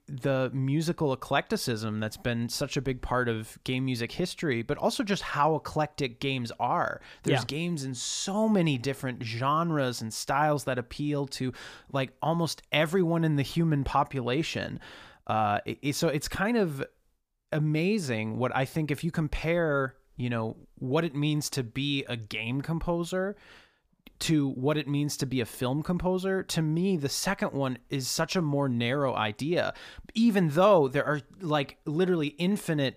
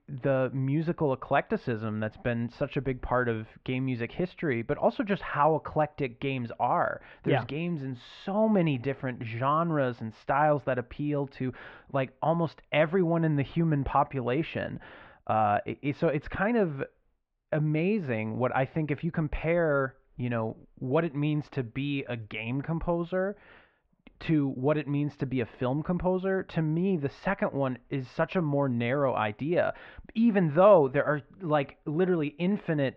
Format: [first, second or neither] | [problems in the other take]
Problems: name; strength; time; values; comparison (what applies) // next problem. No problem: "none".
first | muffled; very; fading above 2.5 kHz